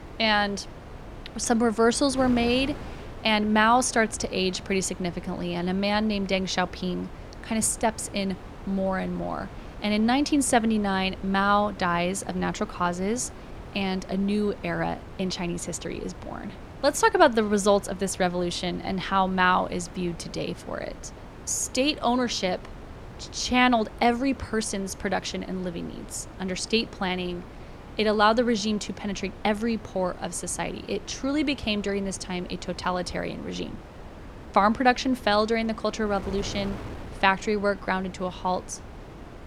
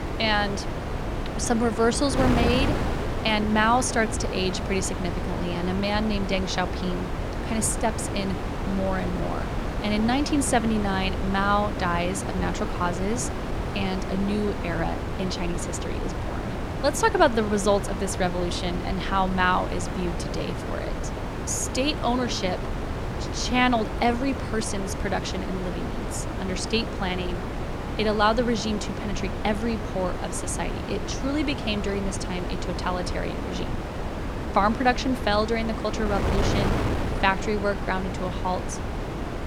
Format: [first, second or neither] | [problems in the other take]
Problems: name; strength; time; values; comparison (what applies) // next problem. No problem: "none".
first | wind noise on the microphone; heavy; 7 dB below the speech; occasional gusts in the first